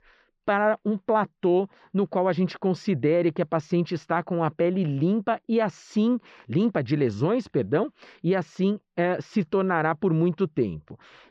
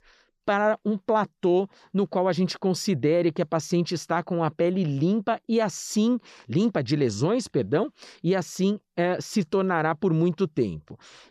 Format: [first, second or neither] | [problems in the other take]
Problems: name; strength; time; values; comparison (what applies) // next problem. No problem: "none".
second | muffled; slightly; fading above 2.5 kHz